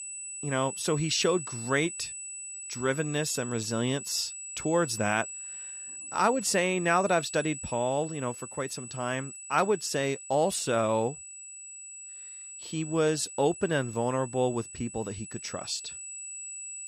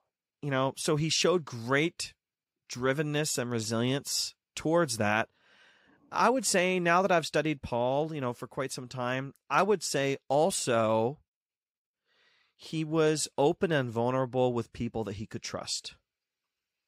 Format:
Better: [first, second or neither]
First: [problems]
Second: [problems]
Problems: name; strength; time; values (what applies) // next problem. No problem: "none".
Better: second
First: high-pitched whine; loud; throughout; 8 kHz, 9 dB below the speech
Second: none